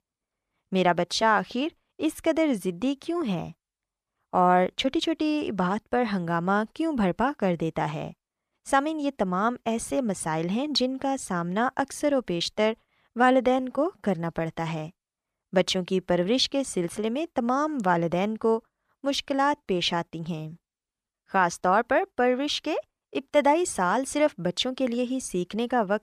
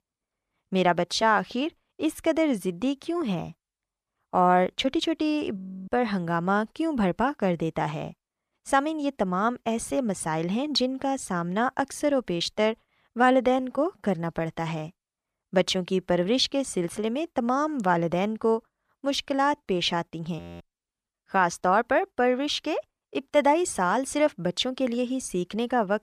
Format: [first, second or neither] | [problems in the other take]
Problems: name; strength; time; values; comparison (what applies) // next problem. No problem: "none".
first | audio freezing; at 5.5 s and at 20 s